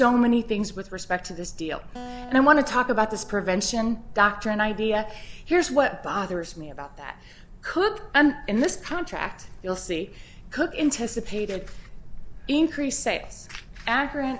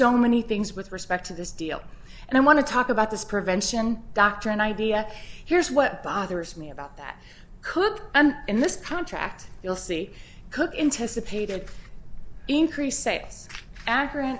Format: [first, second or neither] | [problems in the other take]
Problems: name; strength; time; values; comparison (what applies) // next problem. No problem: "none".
second | background sound (Acoustic guitar); 20 dB below the speech